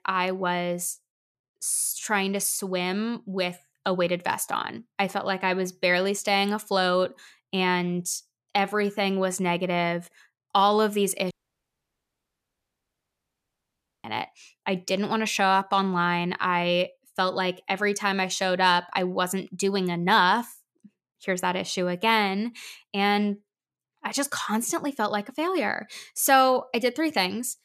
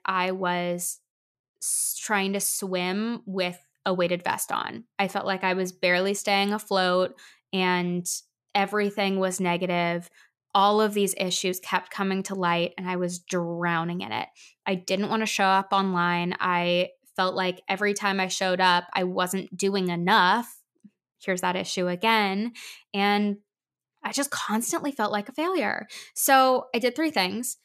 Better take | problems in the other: second | audio cutting out; at 11 s for 2.5 s

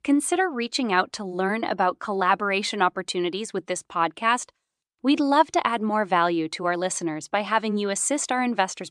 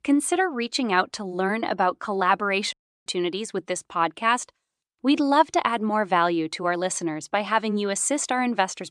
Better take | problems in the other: first | audio cutting out; at 2.5 s

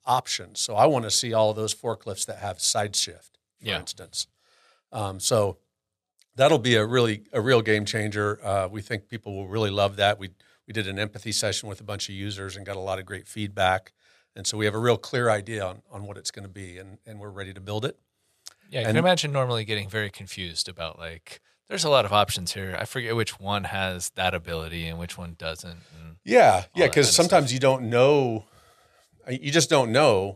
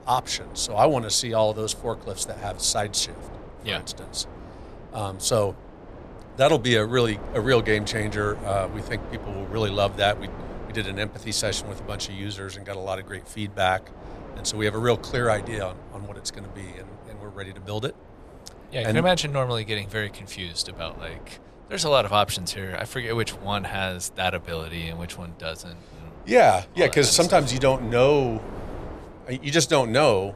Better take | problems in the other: first | wind noise on the microphone; occasional gusts; 20 dB below the speech

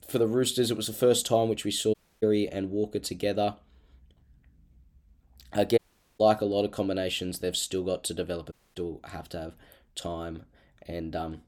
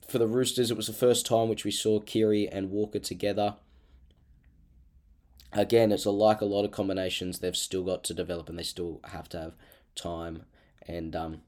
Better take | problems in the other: second | audio cutting out; at 2 s, at 6 s and at 8.5 s

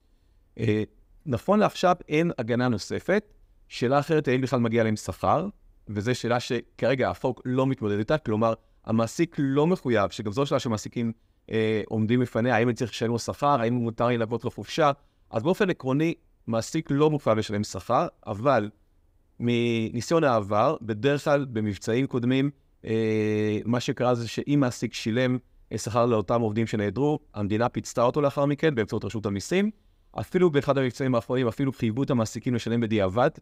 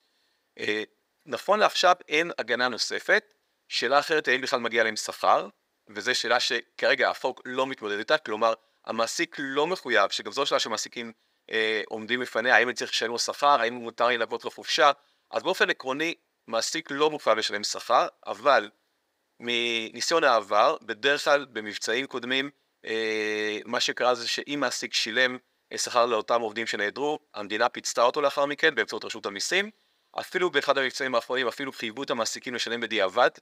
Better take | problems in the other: first | thin; very; fading below 550 Hz

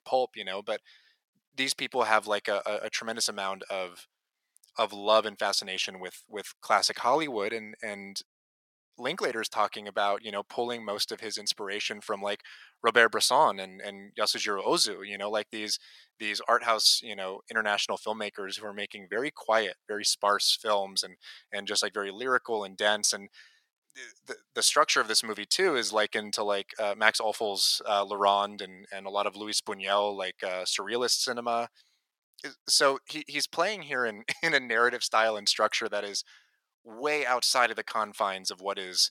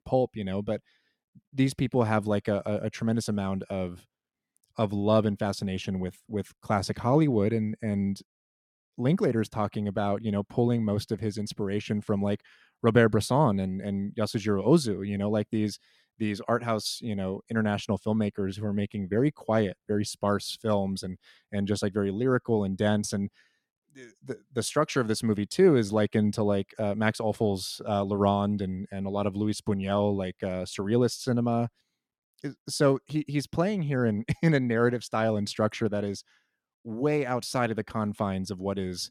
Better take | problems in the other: second | thin; very; fading below 850 Hz

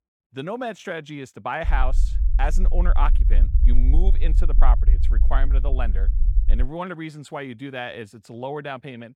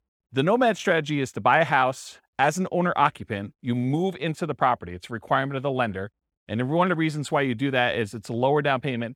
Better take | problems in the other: second | low rumble; noticeable; from 1.5 to 6.5 s; 15 dB below the speech

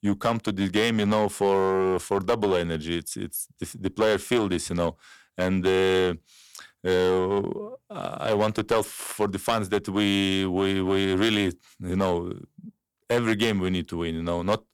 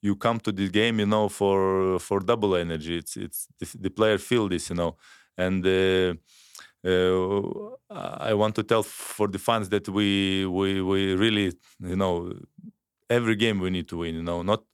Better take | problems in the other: second | distortion; slight; 5% of the sound clipped

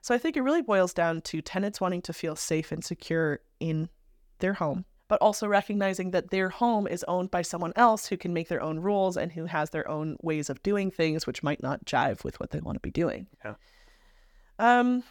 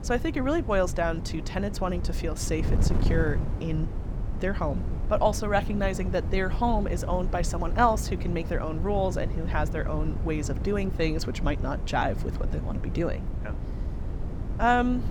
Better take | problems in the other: first | wind noise on the microphone; occasional gusts; 15 dB below the speech

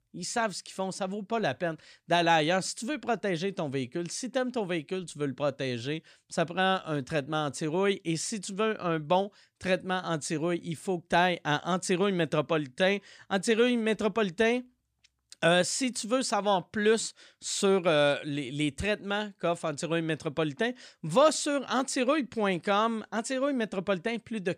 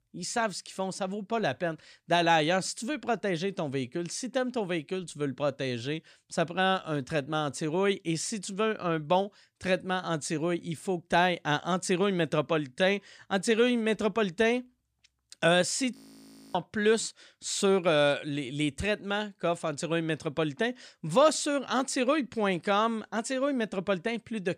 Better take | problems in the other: first | audio freezing; at 16 s for 0.5 s

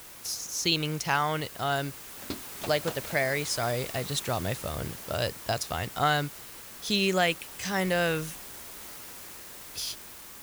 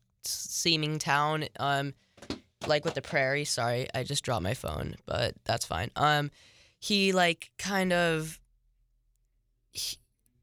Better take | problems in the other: second | hiss; noticeable; throughout; 10 dB below the speech

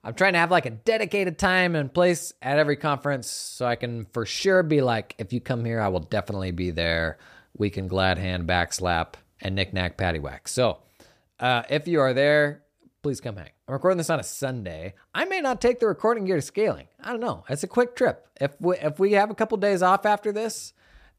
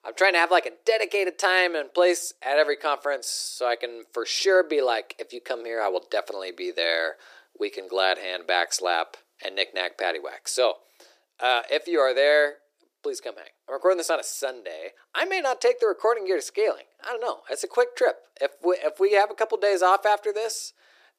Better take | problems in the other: first | thin; very; fading below 350 Hz

